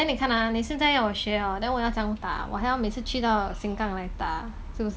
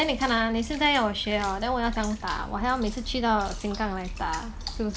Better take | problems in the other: first | background sound (Bathtub (filling or washing) / Water); 18 dB below the speech

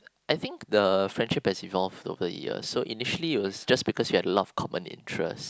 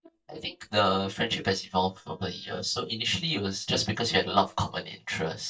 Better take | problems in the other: first | noise reduction (neural mask model DeepFilterNet 3)

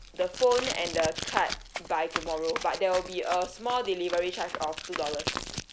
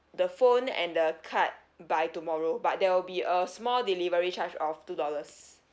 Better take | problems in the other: second | background sound (Run + Packing tape, duct tape); 7 dB below the speech

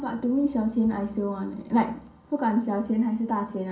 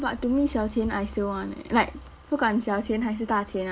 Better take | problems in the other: second | room echo; dies away in 0.6 s

